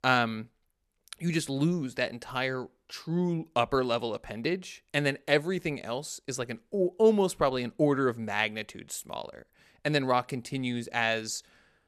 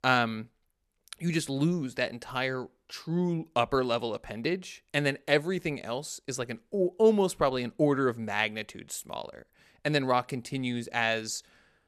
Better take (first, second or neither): neither